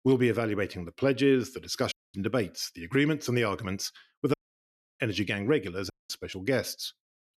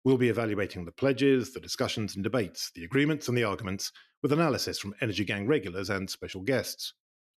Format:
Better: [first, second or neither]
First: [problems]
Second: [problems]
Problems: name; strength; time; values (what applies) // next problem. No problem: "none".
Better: second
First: audio cutting out; at 2 s, at 4.5 s for 0.5 s and at 6 s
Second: none